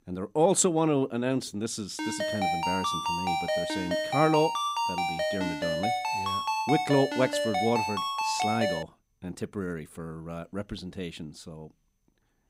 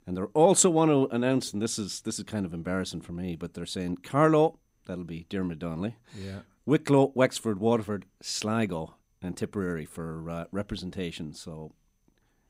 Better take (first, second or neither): second